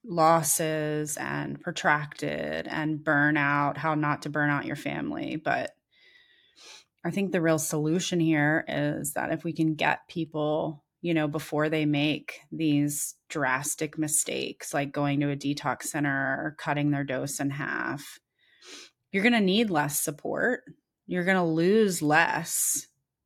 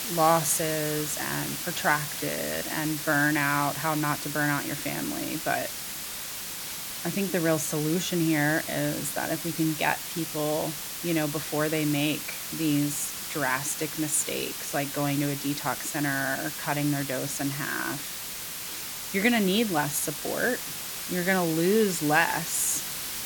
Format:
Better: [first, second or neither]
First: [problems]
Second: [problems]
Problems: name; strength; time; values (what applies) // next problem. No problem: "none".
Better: first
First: none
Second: hiss; loud; throughout; 5 dB below the speech